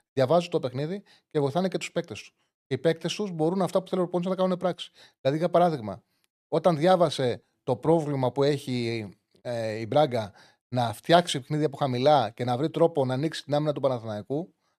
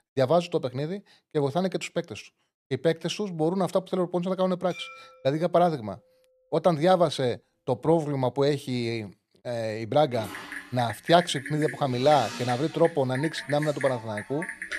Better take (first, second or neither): first